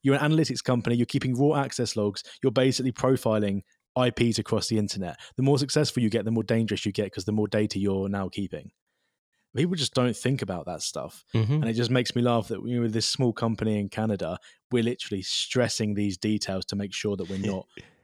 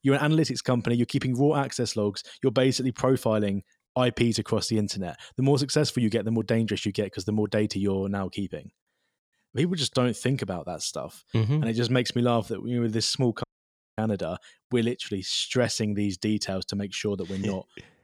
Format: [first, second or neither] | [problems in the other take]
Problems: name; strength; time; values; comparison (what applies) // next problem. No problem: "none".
first | audio cutting out; at 13 s for 0.5 s